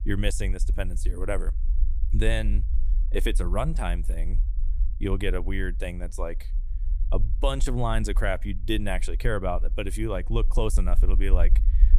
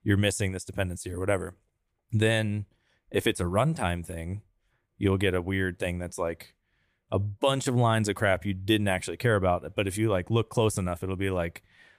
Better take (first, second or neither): second